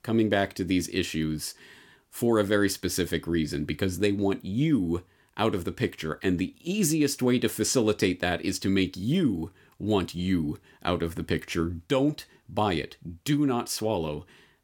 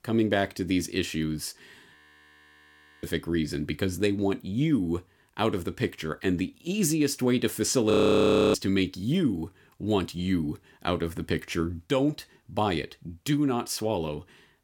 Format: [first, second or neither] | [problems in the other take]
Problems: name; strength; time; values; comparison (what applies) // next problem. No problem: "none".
first | audio freezing; at 2 s for 1 s and at 8 s for 0.5 s